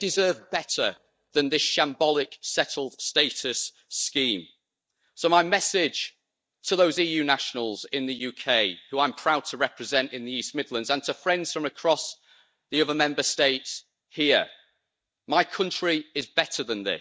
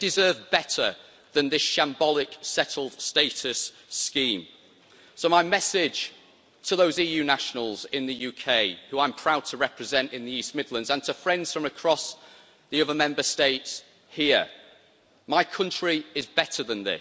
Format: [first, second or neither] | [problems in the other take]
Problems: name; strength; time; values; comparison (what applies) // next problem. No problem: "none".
second | noise reduction (neural mask model DeepFilterNet 3)